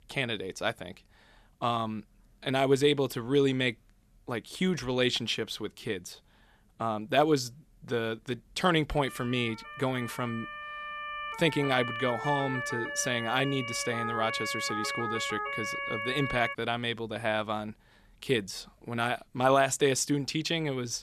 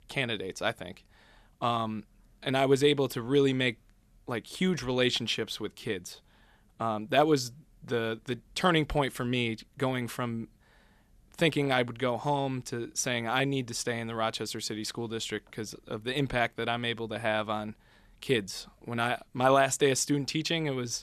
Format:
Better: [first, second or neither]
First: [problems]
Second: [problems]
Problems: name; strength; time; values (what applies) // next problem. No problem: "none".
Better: second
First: siren; noticeable; from 9 to 17 s; peak 3 dB below the speech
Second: none